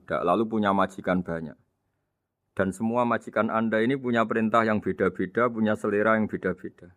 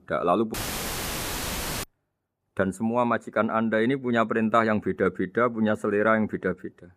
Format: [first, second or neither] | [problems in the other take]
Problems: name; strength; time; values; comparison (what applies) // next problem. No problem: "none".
first | audio cutting out; filled with static; at 0.5 s for 1.5 s